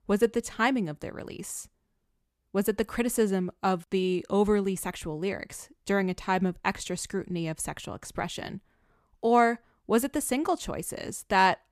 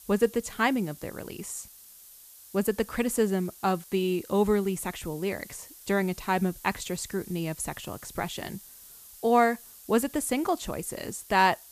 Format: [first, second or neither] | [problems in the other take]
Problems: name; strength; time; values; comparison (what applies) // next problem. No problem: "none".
first | hiss; noticeable; throughout; 20 dB below the speech